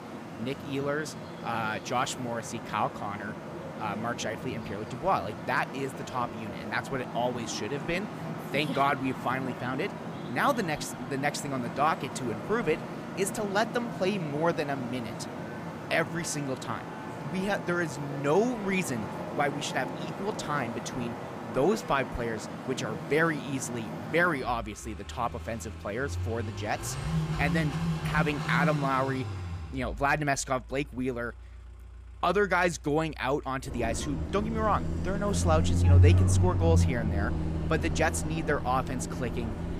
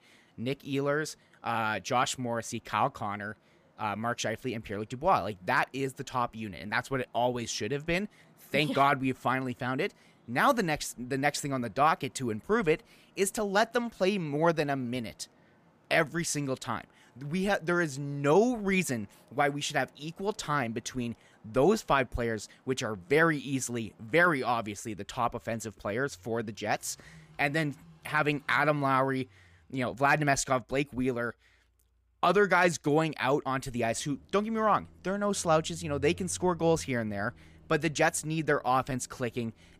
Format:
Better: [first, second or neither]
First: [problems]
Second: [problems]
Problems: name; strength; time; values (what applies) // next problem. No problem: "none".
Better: second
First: traffic noise; loud; throughout; 3 dB below the speech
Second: traffic noise; faint; throughout; 30 dB below the speech